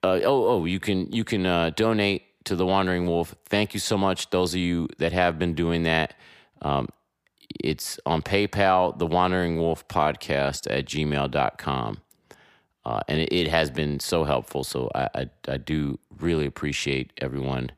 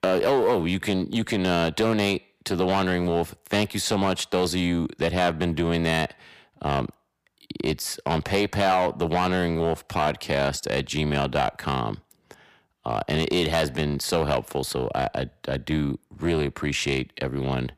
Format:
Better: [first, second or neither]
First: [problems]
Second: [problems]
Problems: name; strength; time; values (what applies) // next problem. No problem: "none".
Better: first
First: none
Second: distortion; slight; 6% of the sound clipped